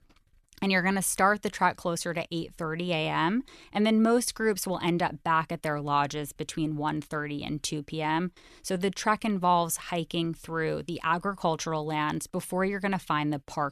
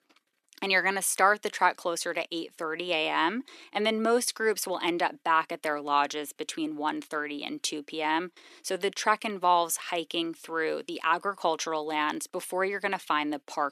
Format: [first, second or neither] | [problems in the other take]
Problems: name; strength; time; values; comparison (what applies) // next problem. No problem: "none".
first | thin; somewhat; fading below 300 Hz